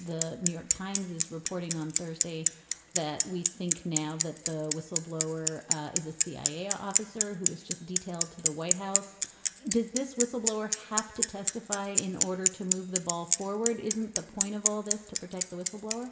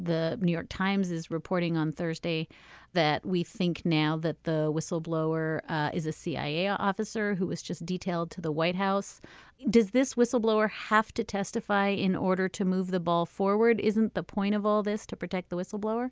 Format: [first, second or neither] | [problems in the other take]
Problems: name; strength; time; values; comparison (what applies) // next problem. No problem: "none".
second | background sound (Bicycle); 3 dB above the speech // room echo; dies away in 2.9 s